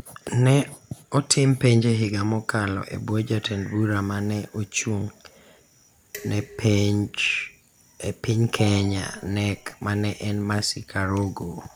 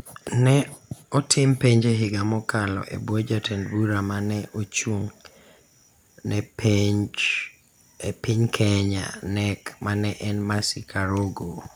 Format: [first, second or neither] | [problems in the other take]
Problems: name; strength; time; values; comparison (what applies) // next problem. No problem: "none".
second | background sound (Dishes, pots, and pans + Gong); 18 dB below the speech